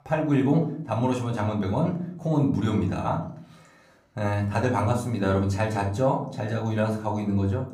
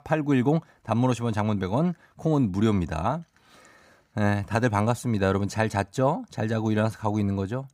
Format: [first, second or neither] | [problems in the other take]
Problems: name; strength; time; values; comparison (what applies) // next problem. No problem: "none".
second | room echo; slight; dies away in 0.5 s // off-mic speech; somewhat distant